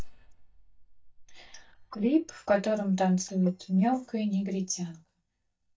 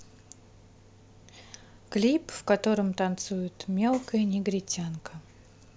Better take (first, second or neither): second